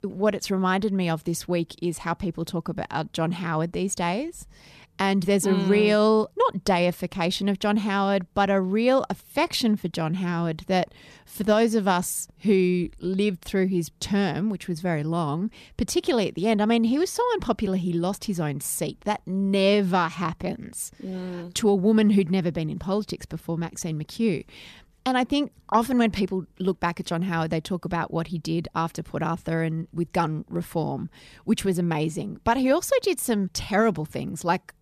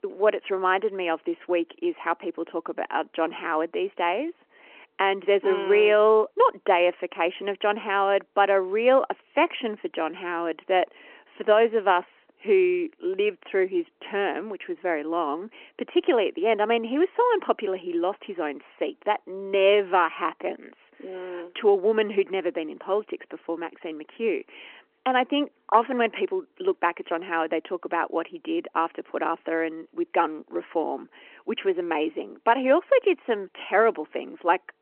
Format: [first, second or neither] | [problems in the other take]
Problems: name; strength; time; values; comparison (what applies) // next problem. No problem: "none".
first | phone-call audio